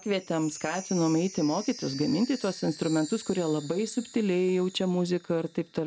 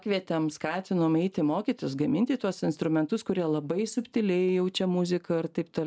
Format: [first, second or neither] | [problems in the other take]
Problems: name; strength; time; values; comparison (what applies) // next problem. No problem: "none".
second | background sound (Chime); 16 dB below the speech